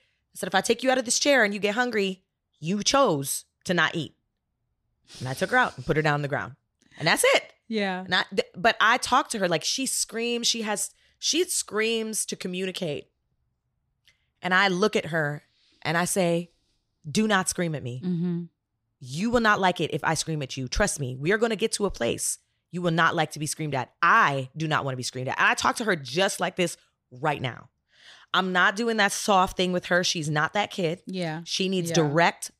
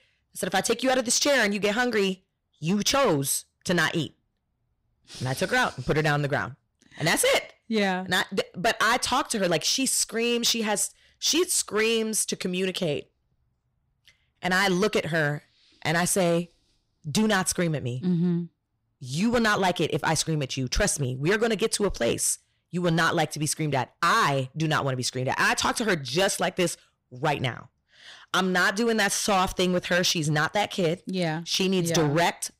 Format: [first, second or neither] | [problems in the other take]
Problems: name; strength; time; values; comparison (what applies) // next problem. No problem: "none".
first | distortion; heavy; 8% of the sound clipped